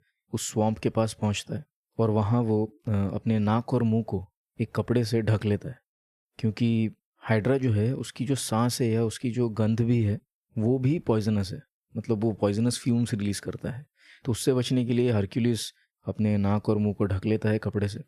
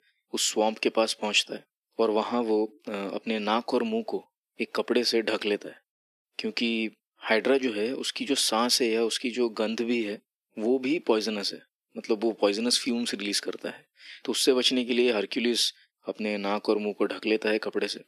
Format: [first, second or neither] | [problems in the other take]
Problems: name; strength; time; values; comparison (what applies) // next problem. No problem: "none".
first | thin; somewhat; fading below 250 Hz